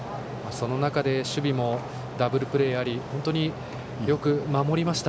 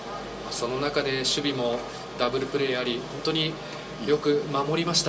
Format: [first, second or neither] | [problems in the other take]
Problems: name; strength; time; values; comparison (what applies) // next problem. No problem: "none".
first | room echo; dies away in 0.2 s